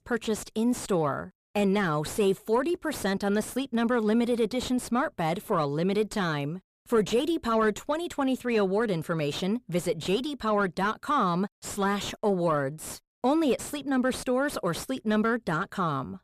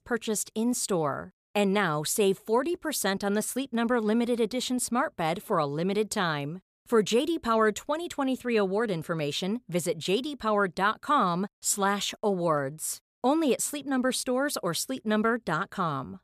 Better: second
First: distortion; slight; 10 dB below the speech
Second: none

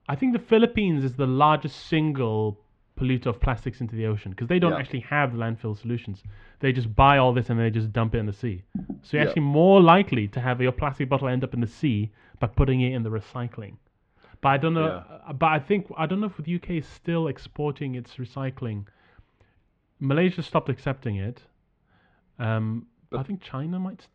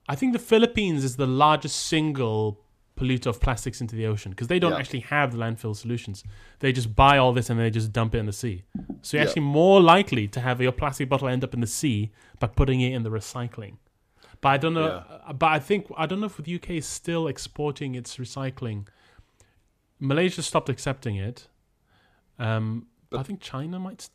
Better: second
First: muffled; very; fading above 3 kHz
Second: none

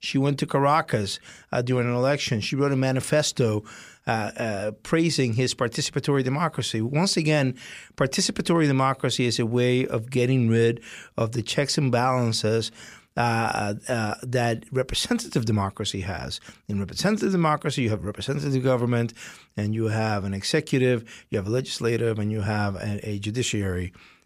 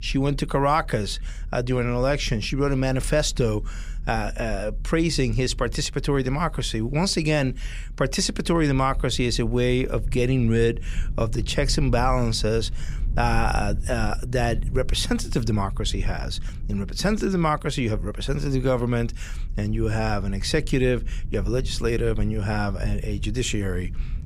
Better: first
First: none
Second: low rumble; faint; throughout; 25 dB below the speech

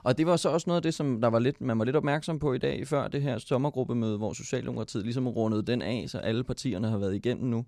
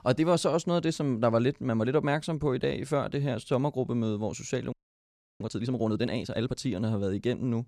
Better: first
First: none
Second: audio freezing; at 4.5 s for 0.5 s

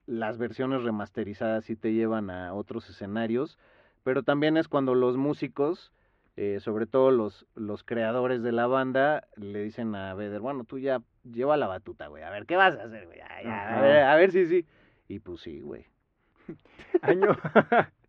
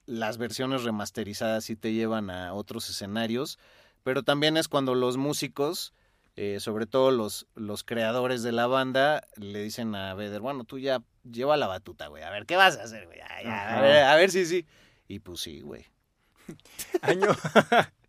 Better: second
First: muffled; very; fading above 2.5 kHz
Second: none

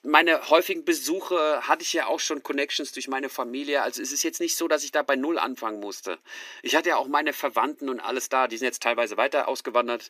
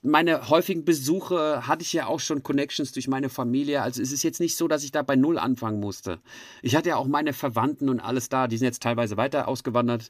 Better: second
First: thin; somewhat; fading below 350 Hz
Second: none

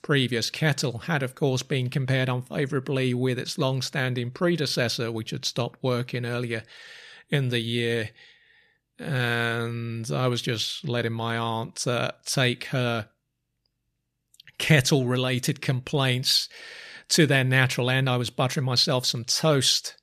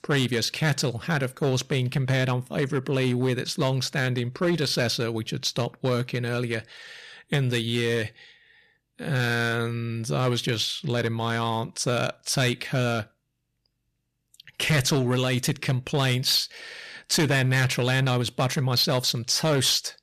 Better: first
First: none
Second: distortion; slight; 7% of the sound clipped

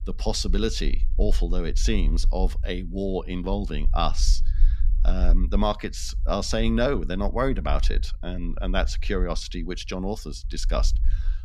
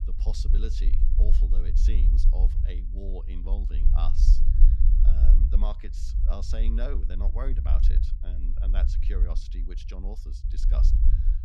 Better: first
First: low rumble; faint; throughout; 25 dB below the speech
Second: low rumble; loud; throughout; 4 dB below the speech

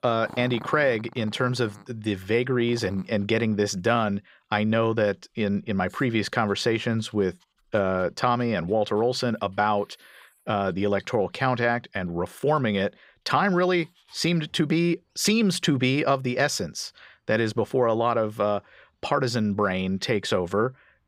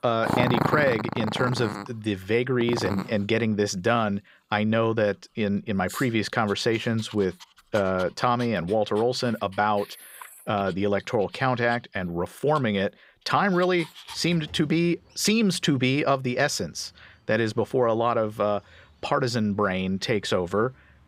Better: first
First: animal sounds; faint; throughout; 25 dB below the speech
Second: animal sounds; loud; throughout; 9 dB below the speech

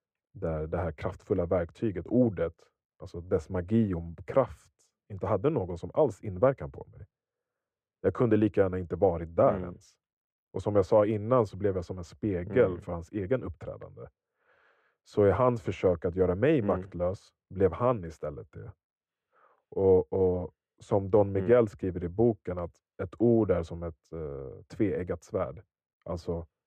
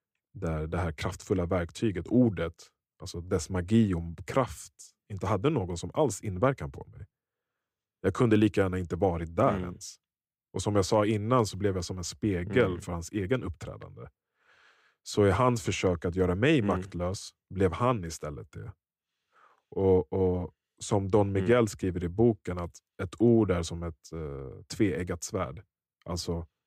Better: second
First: muffled; very; fading above 3 kHz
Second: none

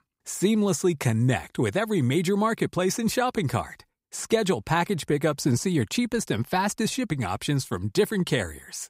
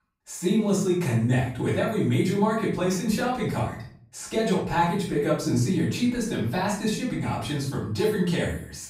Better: first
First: none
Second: off-mic speech; far // room echo; noticeable; dies away in 0.5 s

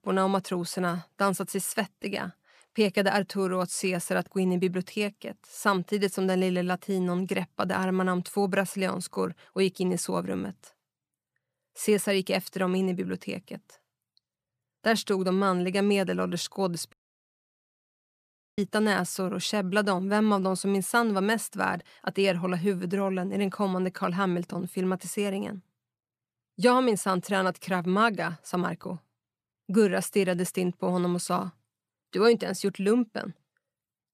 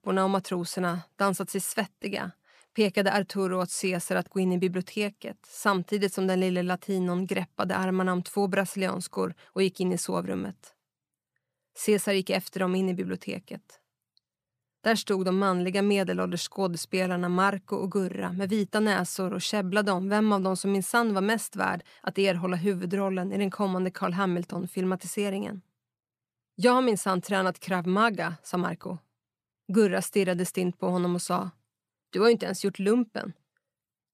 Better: second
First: audio cutting out; at 17 s for 1.5 s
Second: none

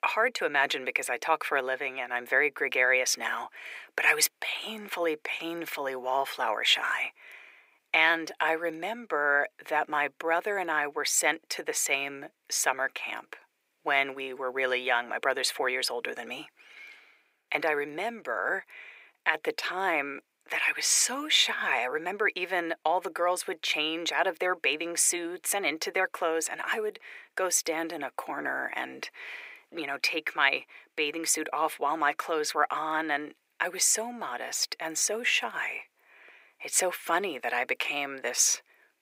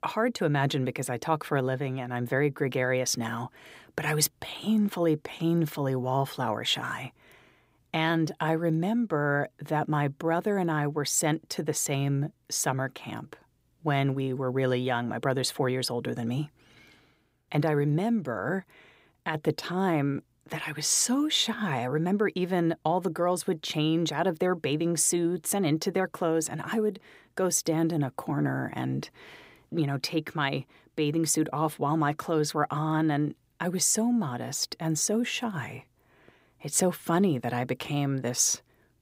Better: second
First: thin; very; fading below 450 Hz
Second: none

